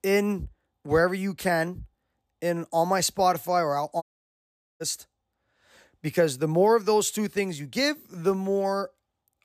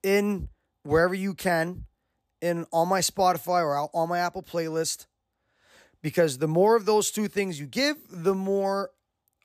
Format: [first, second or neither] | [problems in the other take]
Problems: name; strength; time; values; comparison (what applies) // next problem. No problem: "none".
second | audio cutting out; at 4 s for 1 s